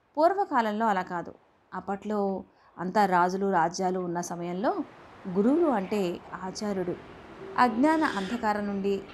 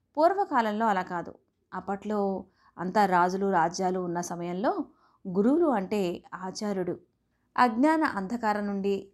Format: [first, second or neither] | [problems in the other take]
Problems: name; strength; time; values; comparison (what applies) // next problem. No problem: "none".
second | train or aircraft noise; noticeable; throughout; 15 dB below the speech